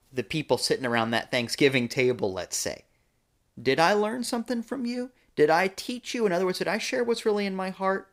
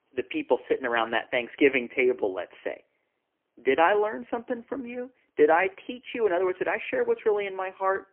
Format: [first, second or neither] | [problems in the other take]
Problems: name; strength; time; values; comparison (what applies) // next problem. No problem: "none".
first | phone-call audio; poor line; nothing above 3 kHz